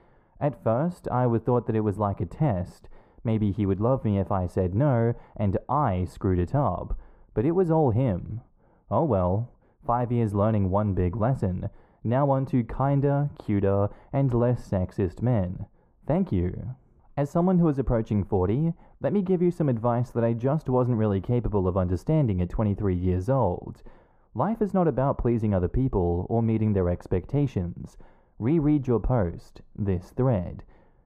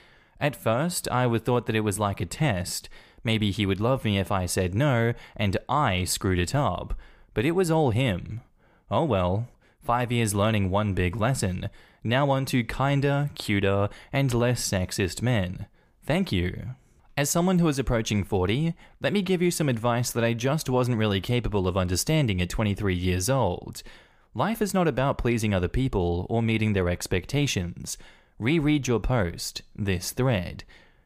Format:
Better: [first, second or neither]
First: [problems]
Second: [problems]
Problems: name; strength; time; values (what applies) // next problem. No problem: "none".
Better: second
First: muffled; very; fading above 1.5 kHz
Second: none